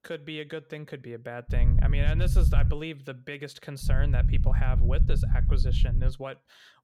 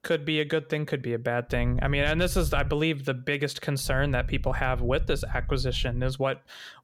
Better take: second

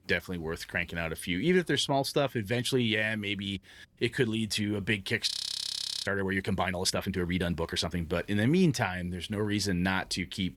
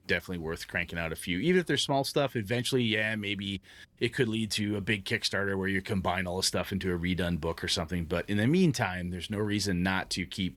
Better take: second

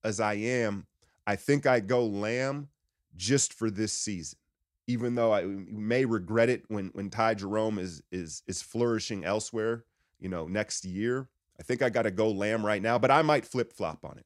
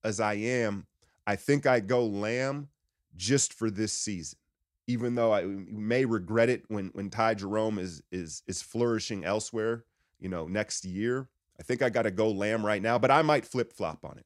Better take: neither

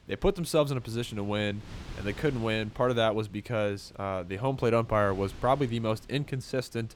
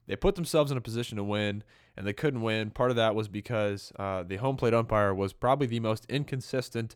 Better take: second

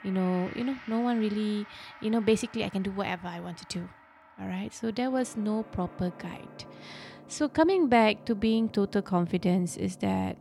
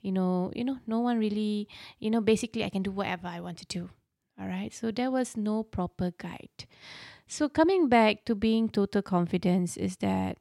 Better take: second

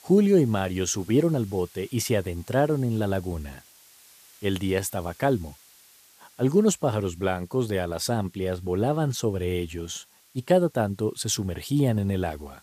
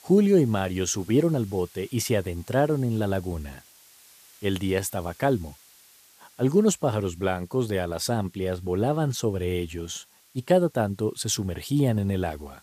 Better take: neither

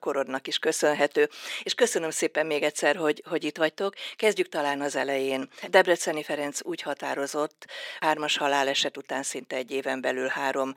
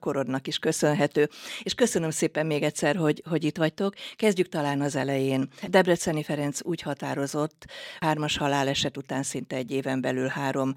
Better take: second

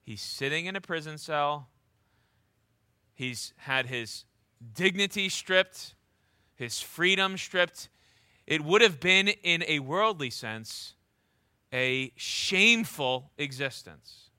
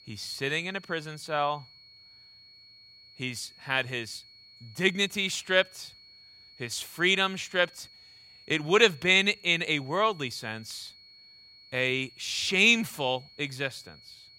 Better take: first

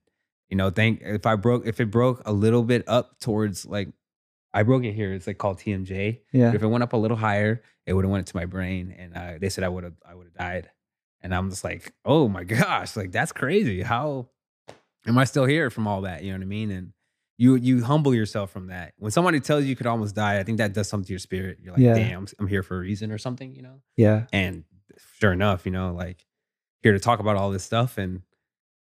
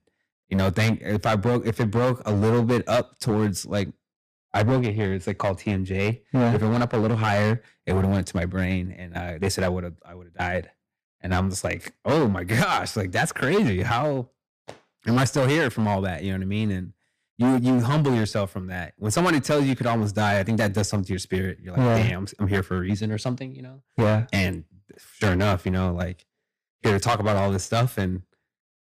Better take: first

